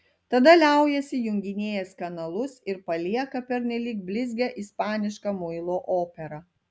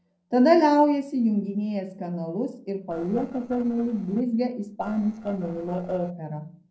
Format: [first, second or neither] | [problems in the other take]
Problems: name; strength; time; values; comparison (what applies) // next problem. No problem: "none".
first | noise reduction (neural separator model SepFormer DNS4)